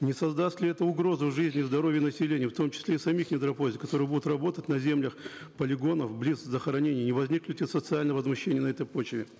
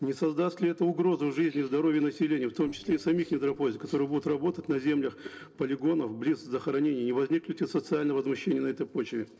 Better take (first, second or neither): first